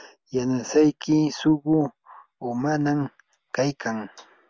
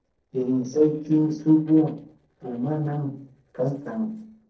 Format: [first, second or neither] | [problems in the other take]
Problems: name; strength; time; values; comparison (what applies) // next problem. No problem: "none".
first | noise reduction (neural separator model SepFormer DNS4)